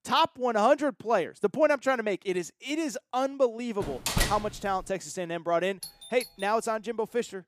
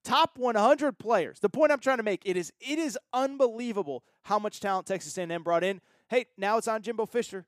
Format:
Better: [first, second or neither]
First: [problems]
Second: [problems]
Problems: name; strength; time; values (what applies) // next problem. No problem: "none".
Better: second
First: door banging; loud; at 4 s; peak 1 dB above the speech // doorbell; faint; at 6 s; peak 15 dB below the speech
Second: none